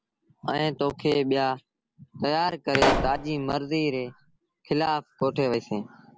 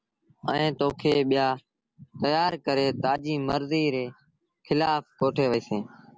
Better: second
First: background sound (Explosion); 1 dB below the speech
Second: none

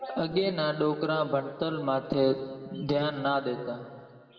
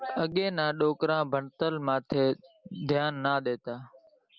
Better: second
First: room echo; dies away in 1.8 s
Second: none

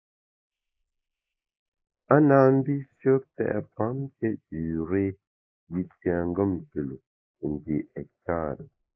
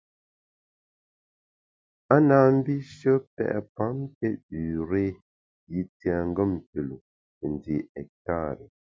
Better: second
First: noise reduction (neural mask model Resemble Enhance denoiser)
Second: none

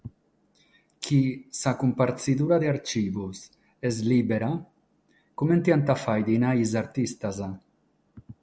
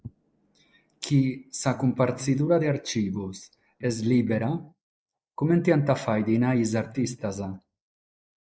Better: first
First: none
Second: noise reduction (neural mask model Resemble Enhance denoiser)

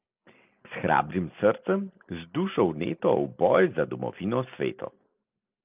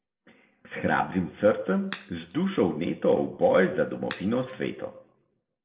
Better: first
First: none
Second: background sound (Crack); 18 dB below the speech // room echo; dies away in 0.6 s

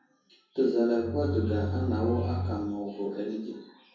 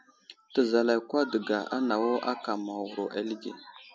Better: second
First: background sound (Bowed string instrument); 2 dB below the speech // room echo; dies away in 0.6 s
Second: none

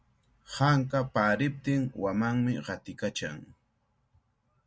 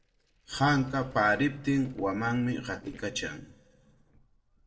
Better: first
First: none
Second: noise reduction (neural separator model SepFormer DNS4)

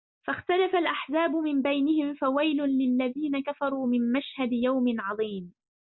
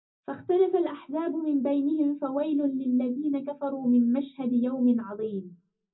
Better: first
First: none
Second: room echo; dies away in 0.4 s

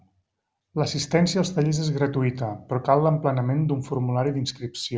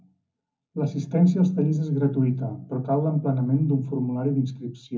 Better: first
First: none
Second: room echo; dies away in 0.3 s

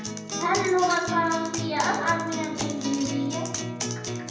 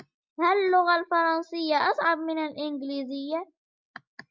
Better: second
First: background sound (Acoustic guitar); 4 dB below the speech // room echo; dies away in 0.9 s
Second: none

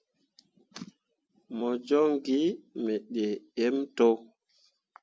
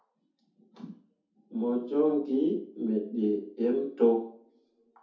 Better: first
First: none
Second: room echo; dies away in 0.5 s

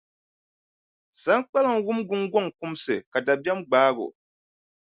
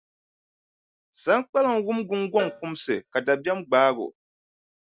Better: first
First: none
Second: background sound (Cowbell); 14 dB below the speech

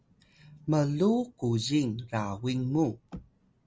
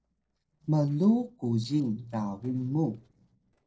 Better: first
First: none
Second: noise reduction (neural separator model SepFormer DNS4)

